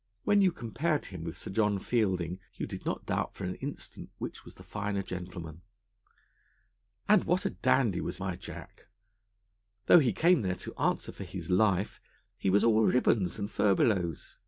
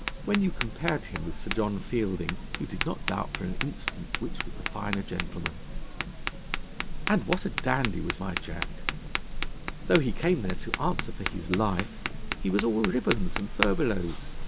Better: first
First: none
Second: background sound (Tap); 1 dB below the speech

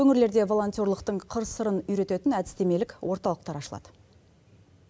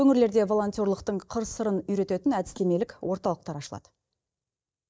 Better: first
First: none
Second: noise reduction (neural mask model DeepFilterNet 3)

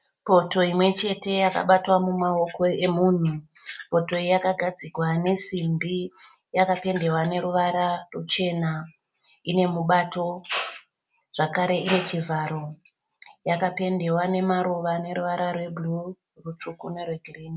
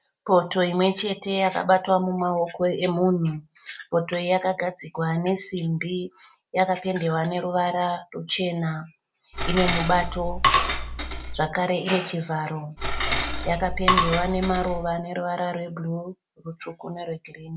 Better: first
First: none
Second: background sound (Cutlery, silverware / Dishes, pots, and pans); as loud as the speech

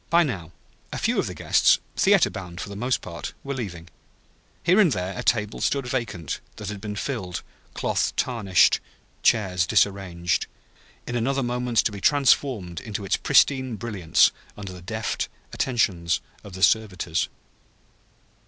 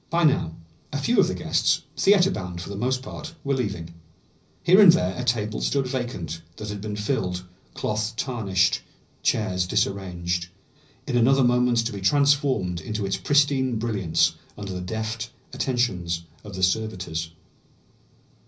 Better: first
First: none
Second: room echo; dies away in 0.5 s

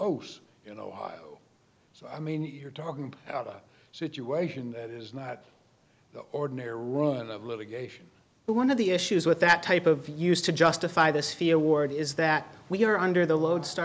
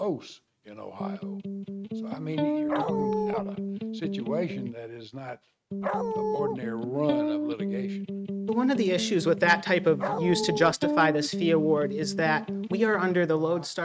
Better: first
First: none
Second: noise reduction (neural mask model RNNoise)

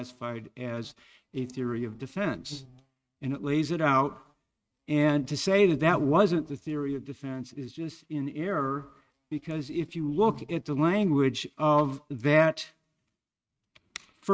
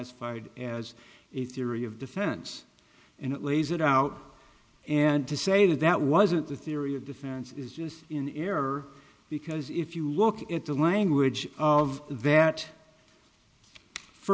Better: second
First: noise reduction (neural mask model RNNoise)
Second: none

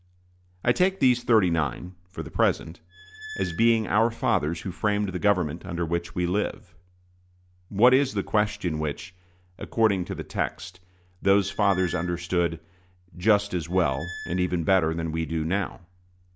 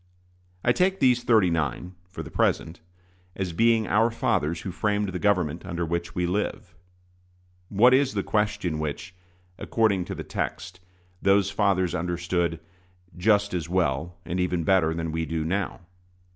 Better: second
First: background sound (Squeak); 15 dB below the speech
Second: none

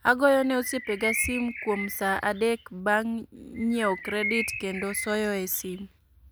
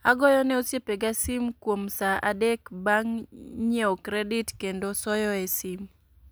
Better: second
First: background sound (Bird); 9 dB below the speech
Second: none

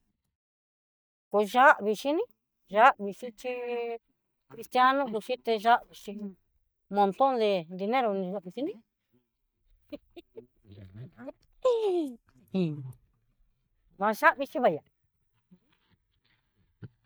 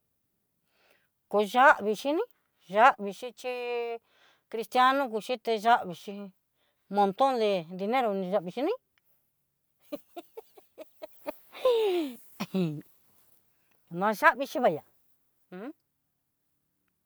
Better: second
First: noise reduction (neural mask model DeepFilterNet 3)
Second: none

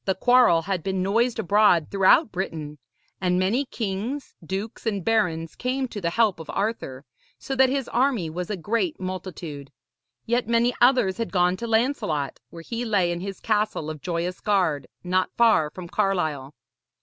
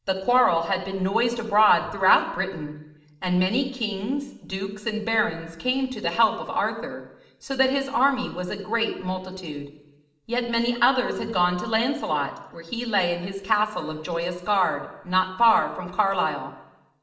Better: first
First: none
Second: room echo; dies away in 0.9 s

